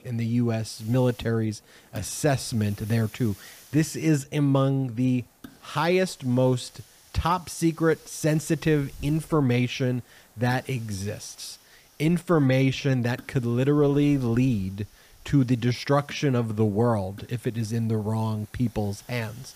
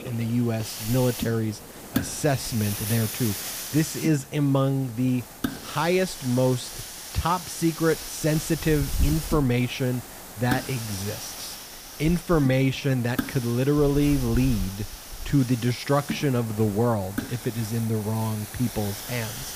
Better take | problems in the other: first | hiss; loud; throughout; 8 dB below the speech; faint in the first

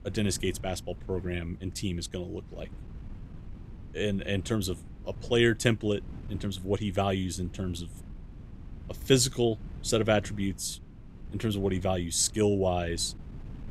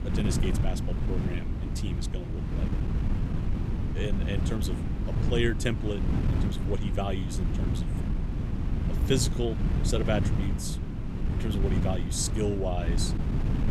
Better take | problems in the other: first | wind noise on the microphone; heavy; 5 dB below the speech; occasional gusts in the first

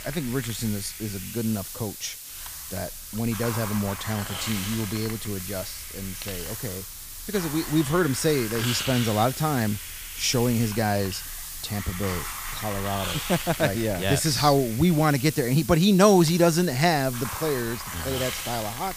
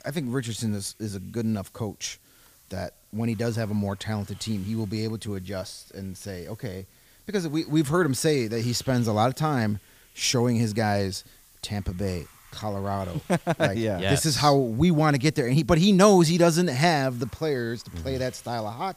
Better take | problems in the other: second | hiss; loud; throughout; 8 dB below the speech; faint in the second

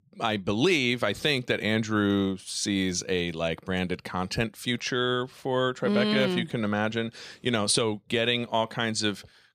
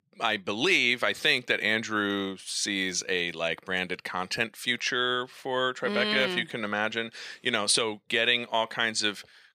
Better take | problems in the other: first | thin; somewhat; fading below 500 Hz

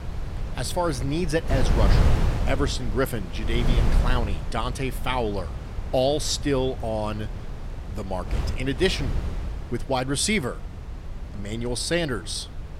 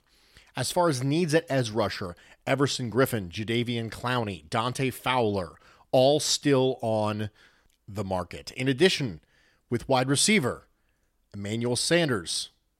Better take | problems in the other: second | wind noise on the microphone; occasional gusts; 10 dB below the speech

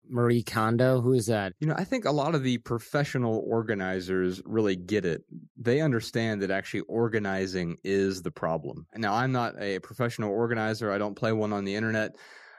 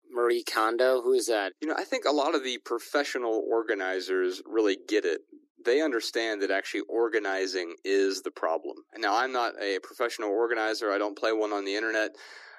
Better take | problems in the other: first | thin; somewhat; fading below 300 Hz

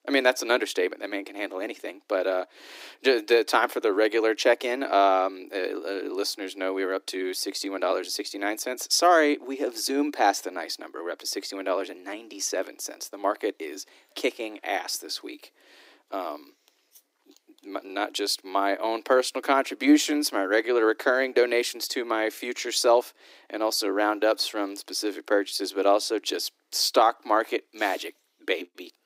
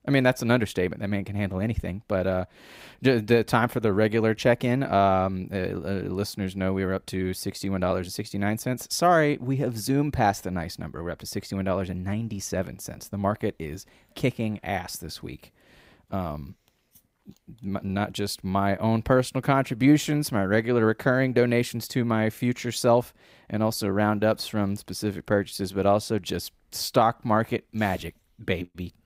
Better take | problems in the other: second | thin; somewhat; fading below 300 Hz

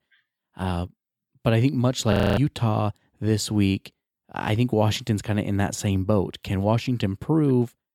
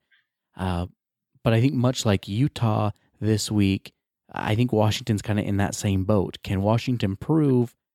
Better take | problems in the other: second | audio freezing; at 2 s

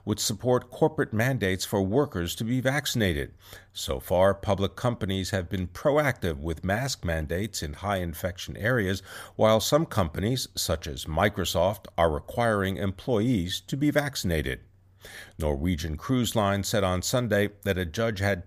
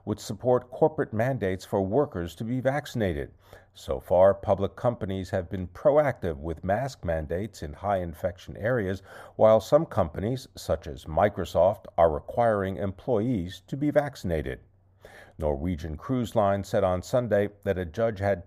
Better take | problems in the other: first | muffled; very; fading above 2 kHz

